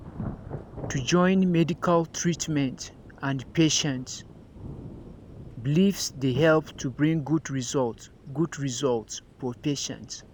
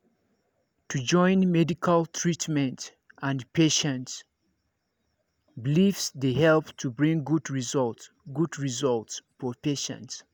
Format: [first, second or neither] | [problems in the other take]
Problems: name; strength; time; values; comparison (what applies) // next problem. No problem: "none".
second | background sound (Thunder / Rain); 16 dB below the speech